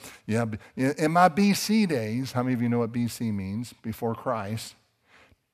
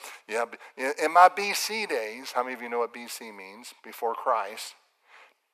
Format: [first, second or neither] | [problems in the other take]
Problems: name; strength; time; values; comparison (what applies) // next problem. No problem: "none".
first | thin; very; fading below 400 Hz